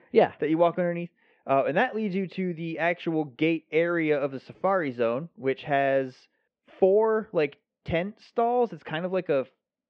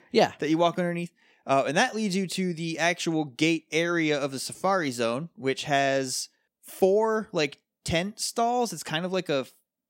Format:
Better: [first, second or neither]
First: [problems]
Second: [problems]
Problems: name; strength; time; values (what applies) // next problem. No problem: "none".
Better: second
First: muffled; very; fading above 2.5 kHz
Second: none